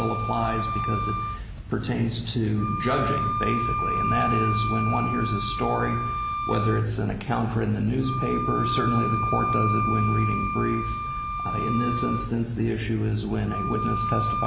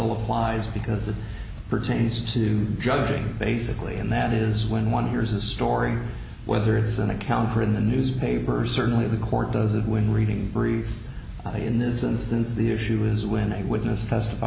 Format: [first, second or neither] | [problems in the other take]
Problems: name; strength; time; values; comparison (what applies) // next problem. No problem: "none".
second | background sound (Wind instrument, woodwind instrument); 3 dB below the speech